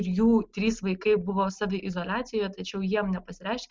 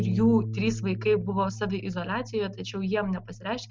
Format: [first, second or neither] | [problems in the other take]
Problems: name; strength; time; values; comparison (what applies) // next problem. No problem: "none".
first | background sound (Bass guitar); 8 dB below the speech